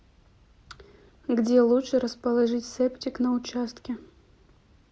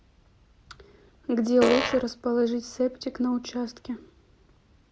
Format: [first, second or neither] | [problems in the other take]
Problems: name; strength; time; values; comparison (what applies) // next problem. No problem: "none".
first | background sound (Fart); 2 dB above the speech